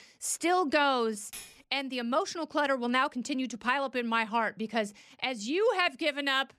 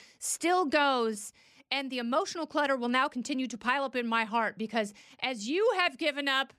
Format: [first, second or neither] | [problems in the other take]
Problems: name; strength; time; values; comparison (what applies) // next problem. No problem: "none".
second | clattering dishes; faint; at 1.5 s; peak 15 dB below the speech